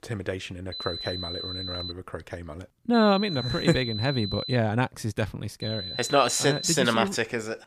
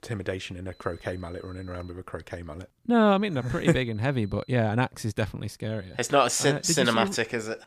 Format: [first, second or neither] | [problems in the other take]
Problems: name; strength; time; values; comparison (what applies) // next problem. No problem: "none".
second | high-pitched whine; loud; from 0.5 to 2 s, from 3 to 4.5 s and from 5.5 to 6.5 s; 4 kHz, 8 dB below the speech; faint in the second